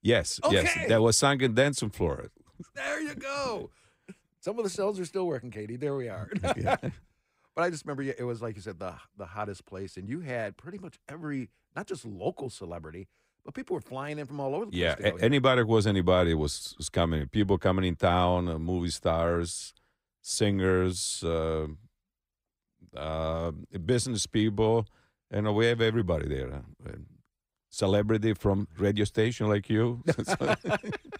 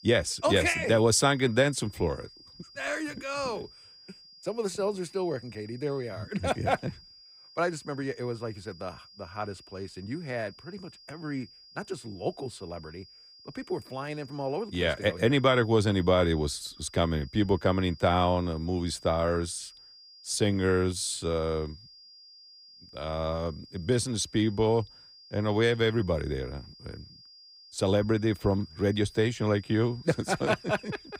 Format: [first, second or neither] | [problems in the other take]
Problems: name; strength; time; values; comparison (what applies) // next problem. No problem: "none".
first | high-pitched whine; faint; throughout; 5 kHz, 20 dB below the speech